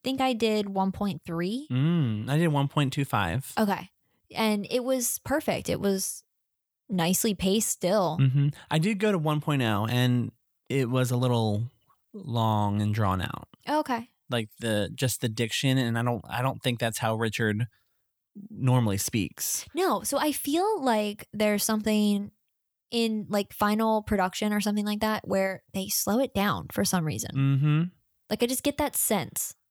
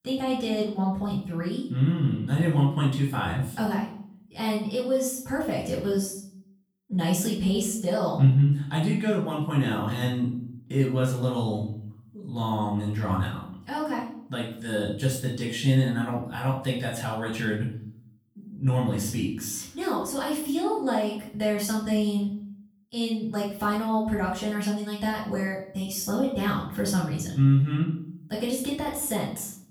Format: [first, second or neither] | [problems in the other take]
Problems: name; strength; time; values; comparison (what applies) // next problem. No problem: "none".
first | off-mic speech; far // room echo; noticeable; dies away in 0.6 s